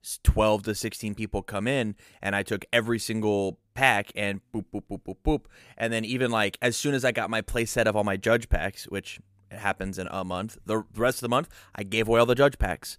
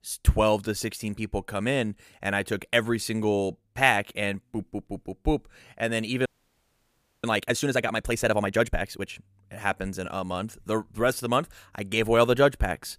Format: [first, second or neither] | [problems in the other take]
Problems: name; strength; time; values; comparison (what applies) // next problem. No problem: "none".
first | audio freezing; at 6.5 s for 1 s